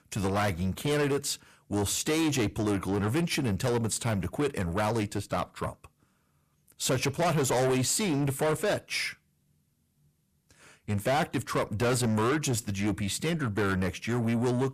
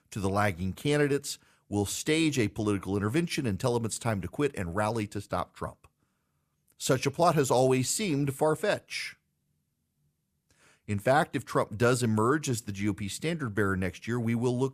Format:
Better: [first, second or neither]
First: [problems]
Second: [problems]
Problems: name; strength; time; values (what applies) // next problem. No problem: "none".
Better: second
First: distortion; heavy; 7 dB below the speech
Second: none